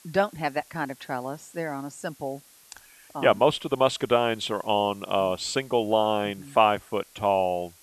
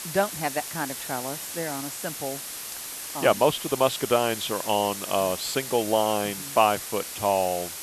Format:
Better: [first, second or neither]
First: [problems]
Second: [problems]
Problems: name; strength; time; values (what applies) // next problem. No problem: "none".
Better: first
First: hiss; faint; throughout; 25 dB below the speech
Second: hiss; loud; throughout; 7 dB below the speech